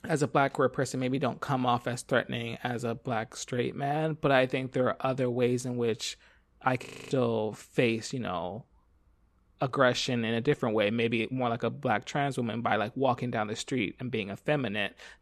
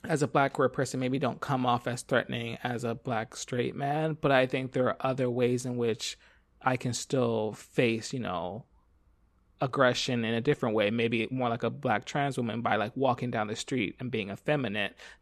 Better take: second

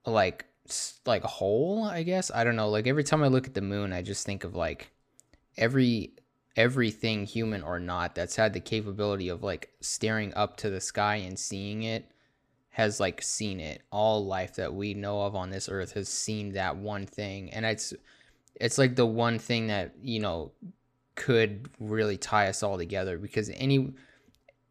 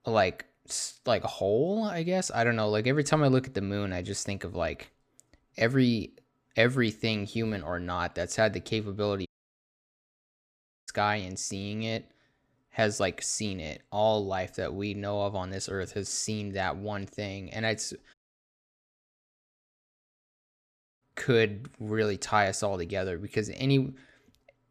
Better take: first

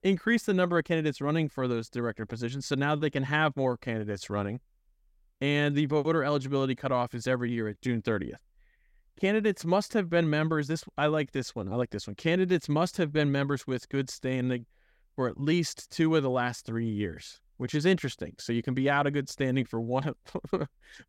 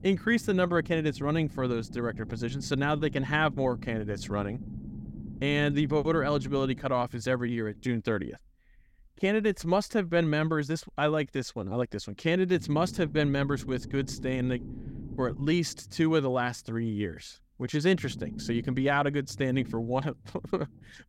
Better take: first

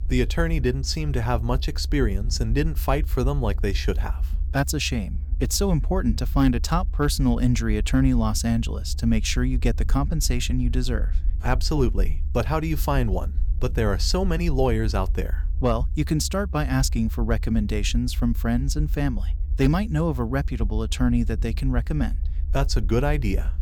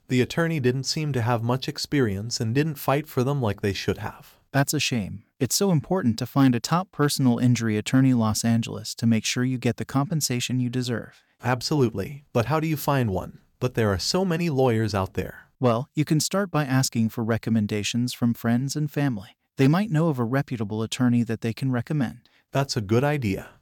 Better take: second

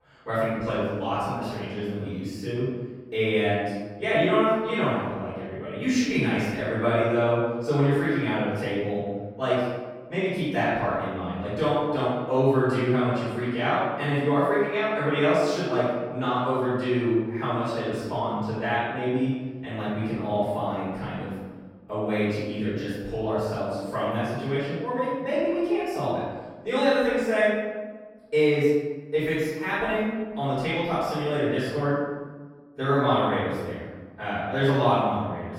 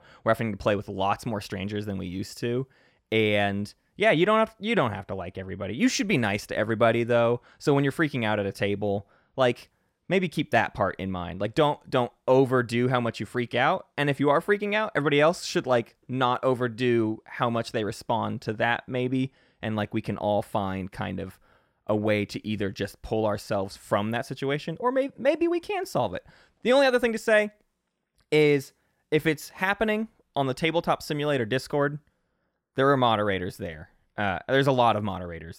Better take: second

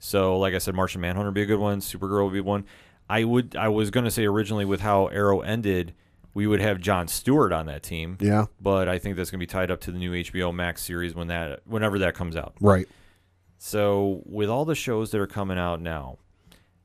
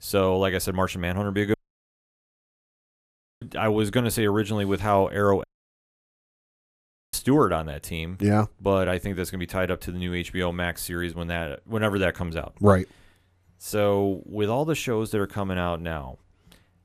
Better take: first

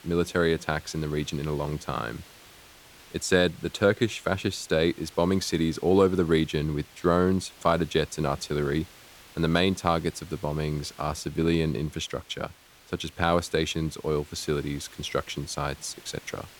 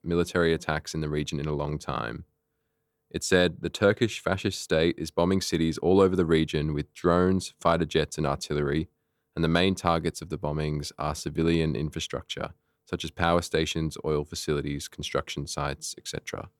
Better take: second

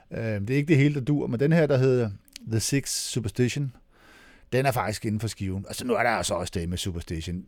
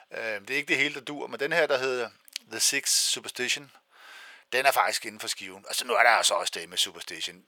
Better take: first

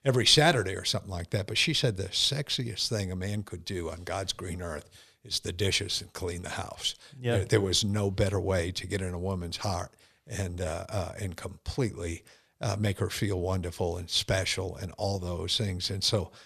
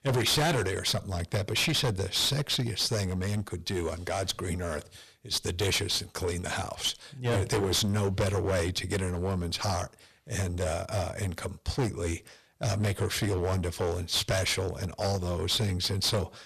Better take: first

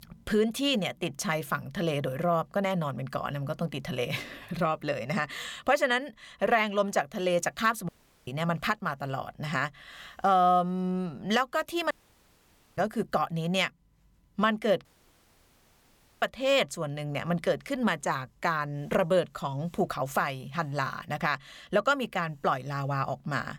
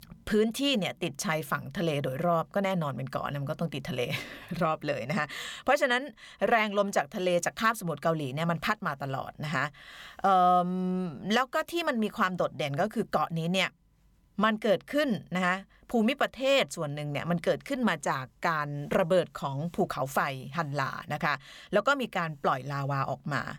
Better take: second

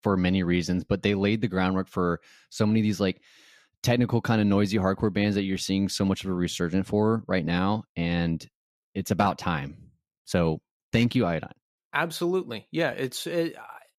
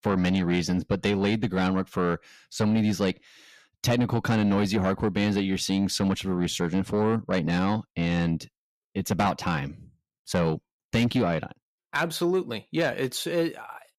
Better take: first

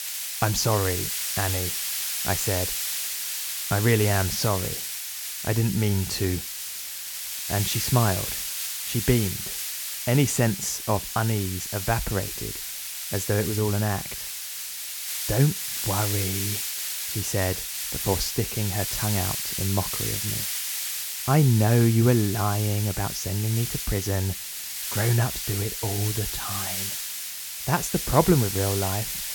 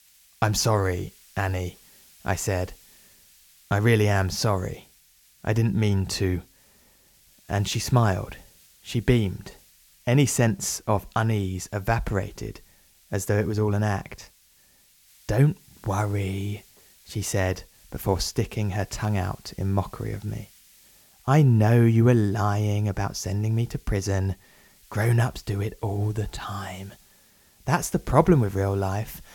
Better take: second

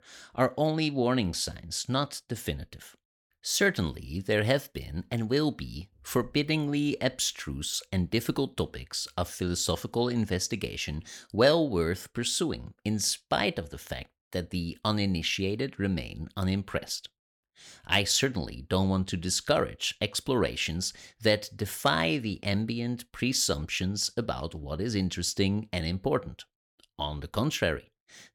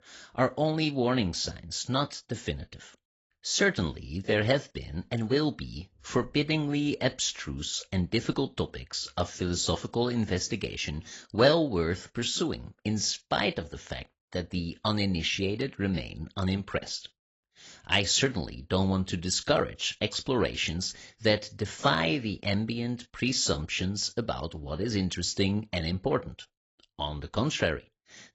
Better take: first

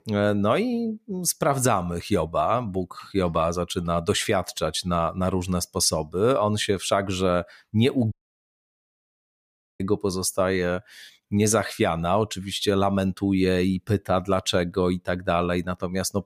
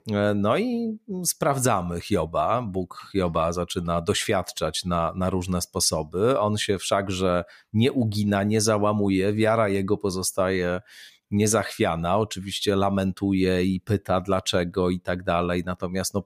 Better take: second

